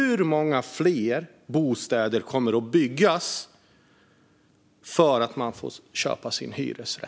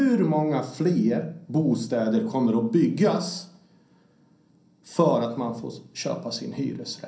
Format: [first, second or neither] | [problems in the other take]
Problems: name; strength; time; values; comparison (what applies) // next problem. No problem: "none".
first | room echo; dies away in 0.6 s